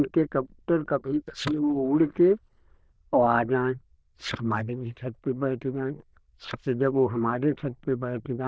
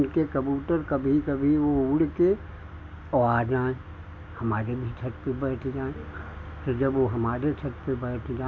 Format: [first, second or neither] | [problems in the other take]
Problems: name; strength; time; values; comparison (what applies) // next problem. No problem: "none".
second | noise reduction (neural diffusion model UNIVERSE++)